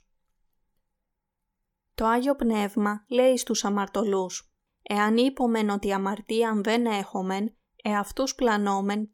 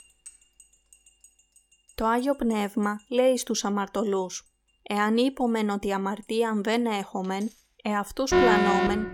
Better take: first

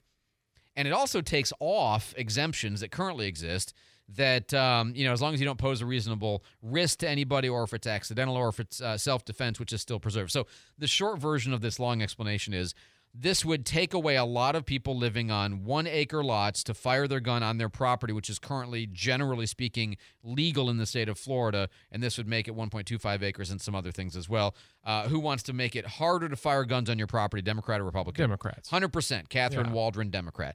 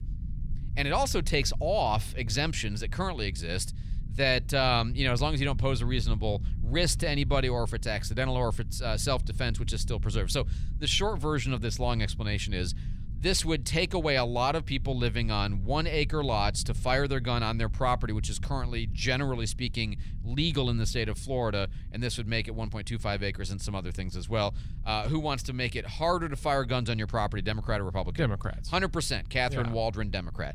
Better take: first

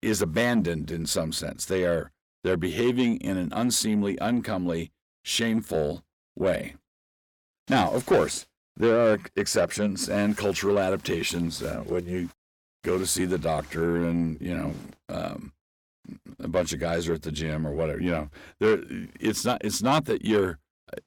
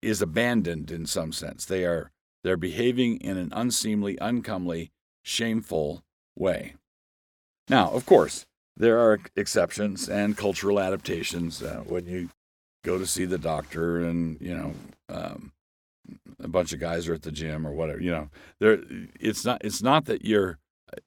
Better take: second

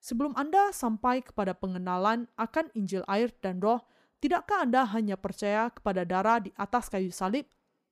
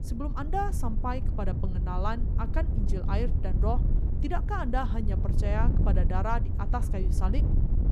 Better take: first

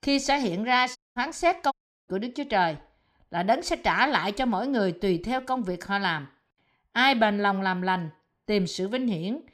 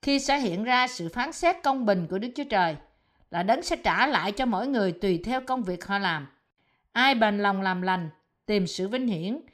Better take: second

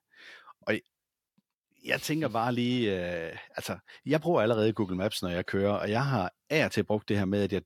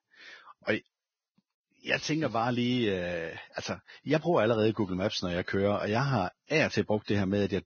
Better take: first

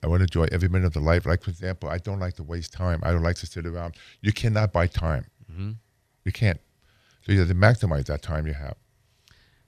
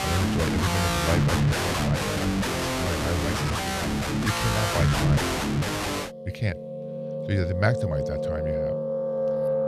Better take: first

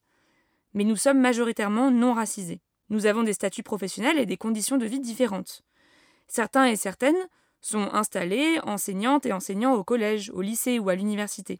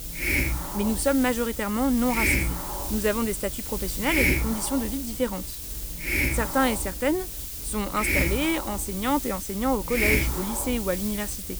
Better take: first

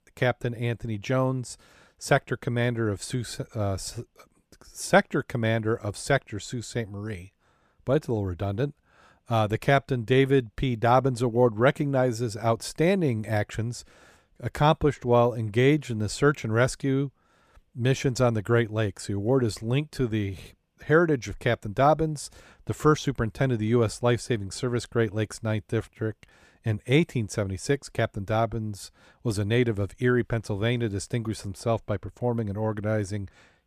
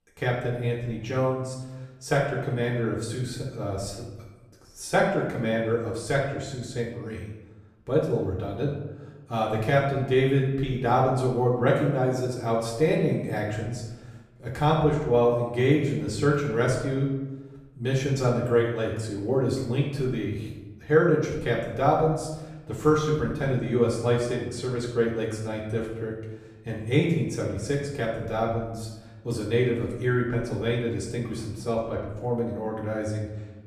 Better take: first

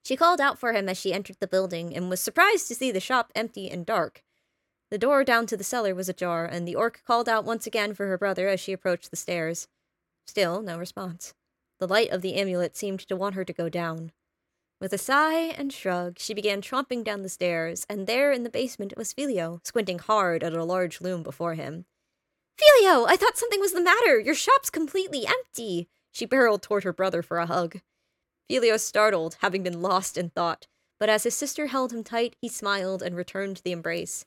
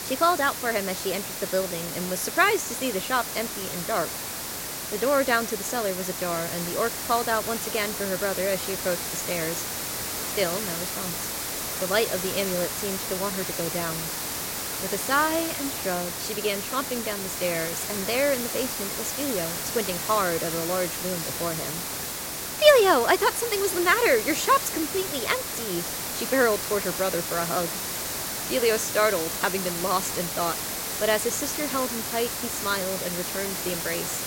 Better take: first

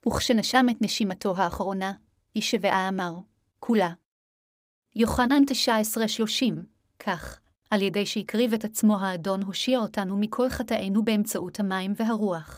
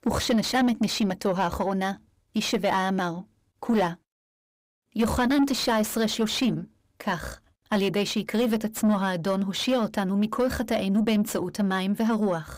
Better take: first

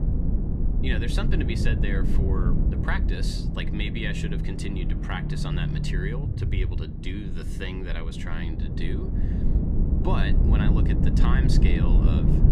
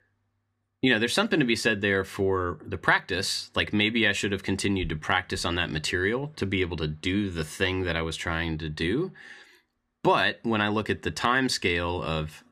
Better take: second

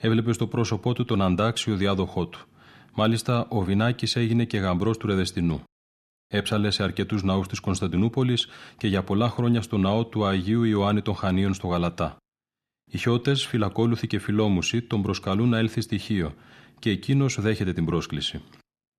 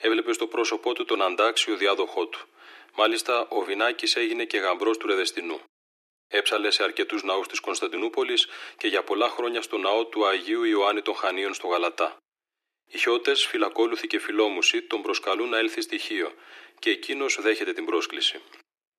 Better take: first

